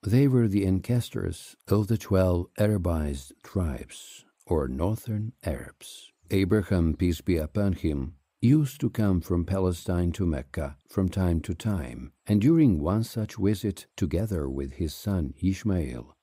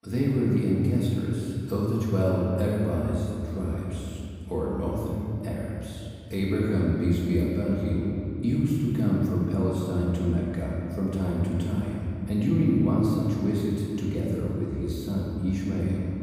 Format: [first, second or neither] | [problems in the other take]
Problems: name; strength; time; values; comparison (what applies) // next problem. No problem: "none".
first | off-mic speech; far // room echo; strong; dies away in 2.6 s